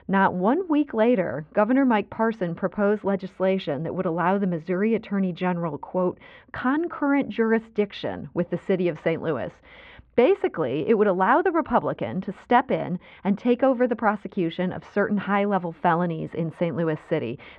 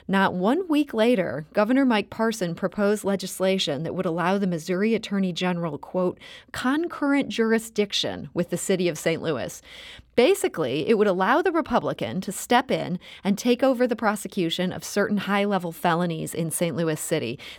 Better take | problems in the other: second | muffled; very; fading above 2 kHz

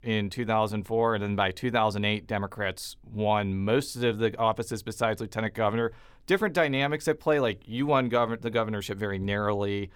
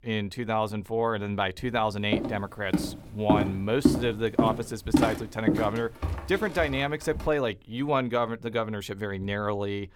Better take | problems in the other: first | footsteps; loud; from 2 to 7.5 s; peak 4 dB above the speech

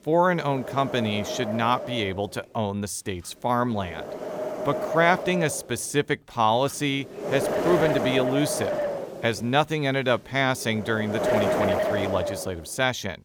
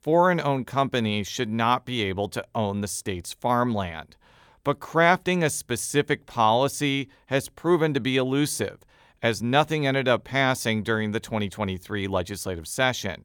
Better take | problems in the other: second | wind noise on the microphone; heavy; 2 dB below the speech

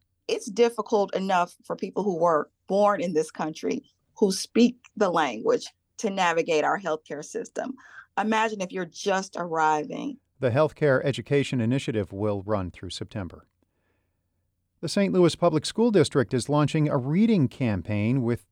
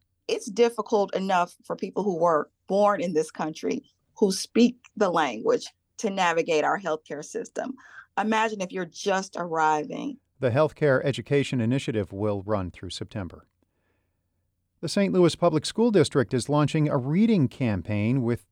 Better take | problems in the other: neither | none

